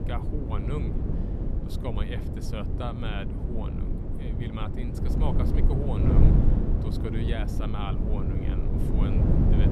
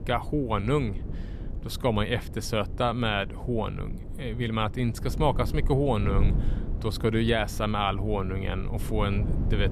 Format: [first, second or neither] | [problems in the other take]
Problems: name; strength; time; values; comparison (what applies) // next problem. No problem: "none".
second | wind noise on the microphone; heavy; 1 dB above the speech; occasional gusts in the second